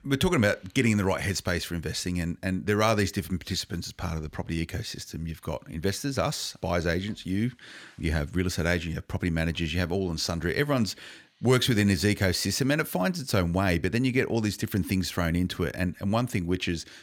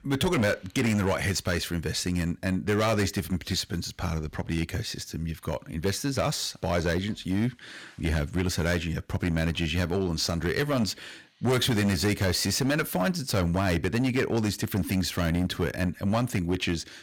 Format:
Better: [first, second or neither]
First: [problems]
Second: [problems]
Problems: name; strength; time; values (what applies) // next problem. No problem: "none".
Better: first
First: none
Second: distortion; slight; 9% of the sound clipped